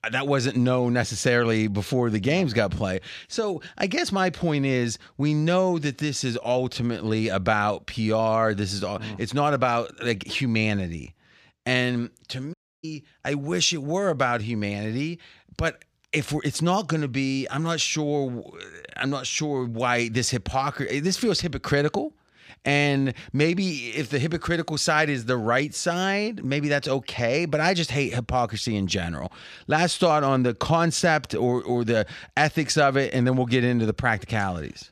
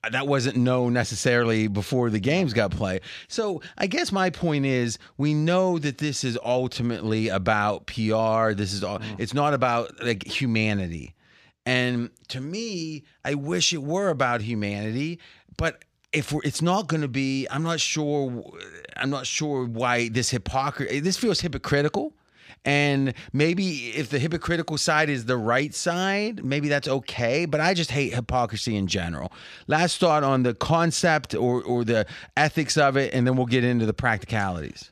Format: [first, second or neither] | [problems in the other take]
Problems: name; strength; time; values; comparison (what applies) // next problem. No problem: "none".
second | audio cutting out; at 13 s